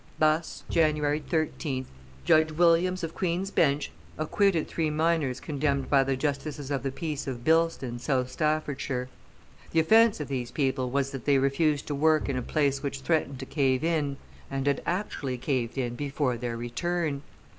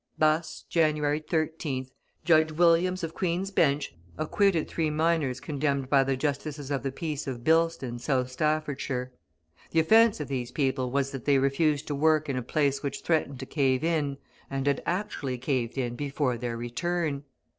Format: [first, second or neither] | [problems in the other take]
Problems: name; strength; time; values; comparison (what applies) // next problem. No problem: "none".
second | background sound (Bowed string instrument + Rain); 16 dB below the speech